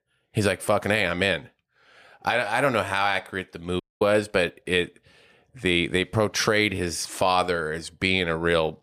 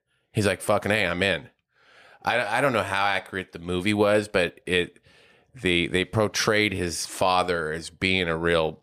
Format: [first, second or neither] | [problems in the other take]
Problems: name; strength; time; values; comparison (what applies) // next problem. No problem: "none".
second | audio cutting out; at 4 s